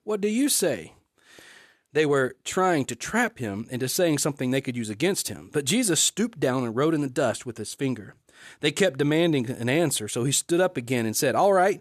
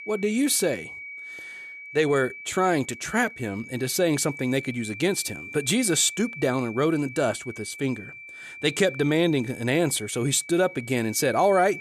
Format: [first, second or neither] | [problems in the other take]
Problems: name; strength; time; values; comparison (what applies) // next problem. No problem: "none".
first | high-pitched whine; noticeable; throughout; 2.5 kHz, 15 dB below the speech